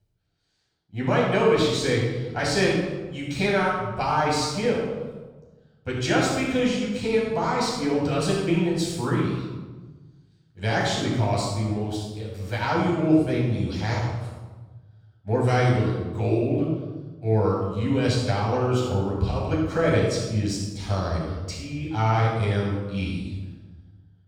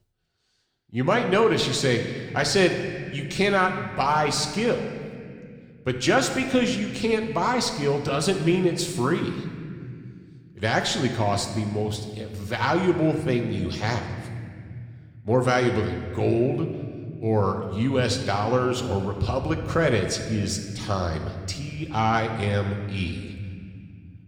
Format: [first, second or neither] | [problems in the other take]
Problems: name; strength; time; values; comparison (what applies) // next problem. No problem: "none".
second | room echo; strong; dies away in 1.2 s; slight in the second // off-mic speech; far